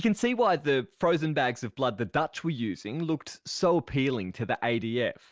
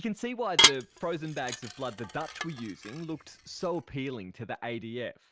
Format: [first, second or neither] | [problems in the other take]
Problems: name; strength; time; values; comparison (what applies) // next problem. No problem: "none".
first | background sound (Dishes, pots, and pans / Glass); 5 dB above the speech